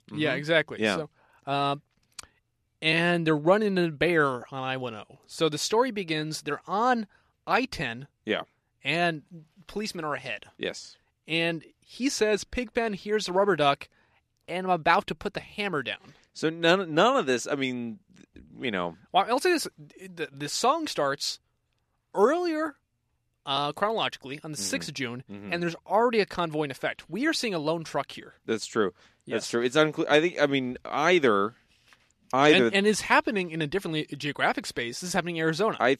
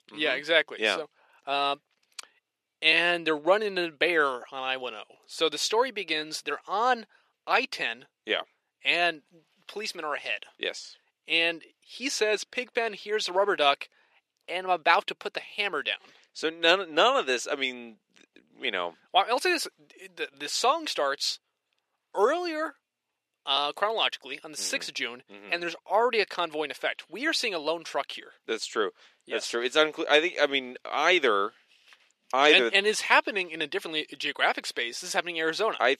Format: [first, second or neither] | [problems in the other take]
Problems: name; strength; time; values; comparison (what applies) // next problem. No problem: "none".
first | thin; somewhat; fading below 450 Hz